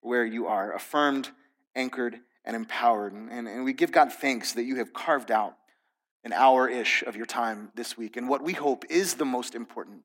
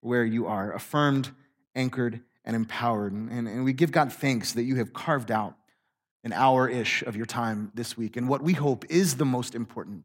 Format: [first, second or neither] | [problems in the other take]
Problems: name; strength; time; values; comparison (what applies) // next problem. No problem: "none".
second | thin; somewhat; fading below 250 Hz